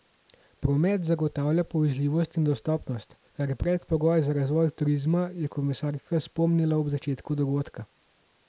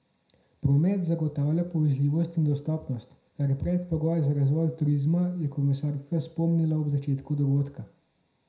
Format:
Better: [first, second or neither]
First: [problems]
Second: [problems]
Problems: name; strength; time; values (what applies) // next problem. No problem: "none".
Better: first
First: none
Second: room echo; dies away in 0.4 s